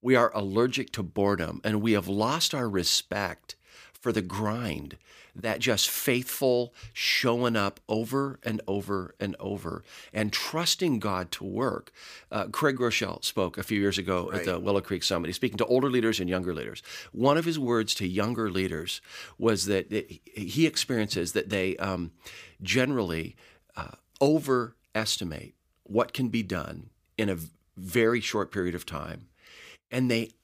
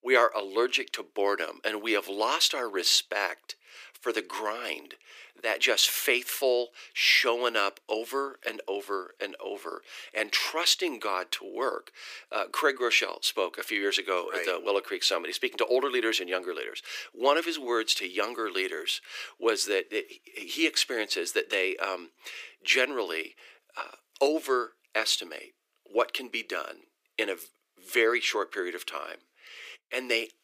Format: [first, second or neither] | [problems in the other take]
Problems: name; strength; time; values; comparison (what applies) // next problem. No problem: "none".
first | thin; very; fading below 350 Hz